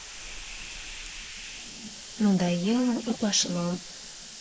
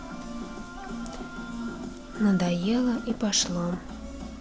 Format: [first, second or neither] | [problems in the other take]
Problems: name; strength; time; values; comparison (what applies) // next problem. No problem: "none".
second | noise reduction (neural mask model Resemble Enhance denoiser)